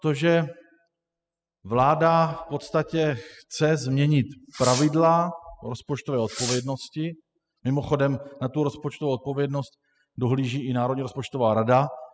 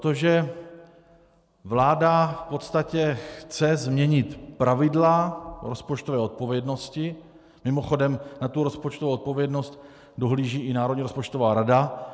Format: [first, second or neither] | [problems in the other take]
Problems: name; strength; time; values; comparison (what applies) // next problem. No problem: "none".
second | noise reduction (classical method spectral subtraction)